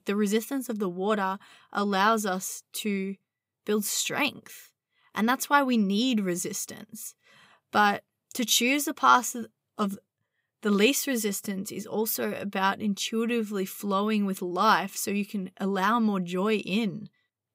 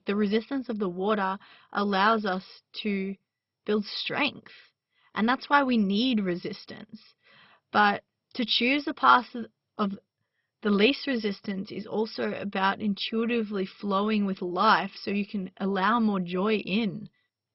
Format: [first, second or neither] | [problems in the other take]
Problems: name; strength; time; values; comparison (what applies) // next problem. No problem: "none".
first | garbled, watery; badly; nothing above 5.5 kHz